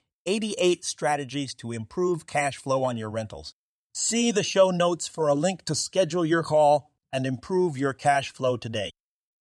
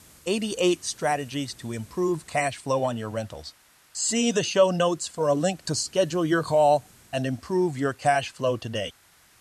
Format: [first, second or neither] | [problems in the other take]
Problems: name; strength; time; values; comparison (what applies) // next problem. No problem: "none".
first | hiss; faint; throughout; 30 dB below the speech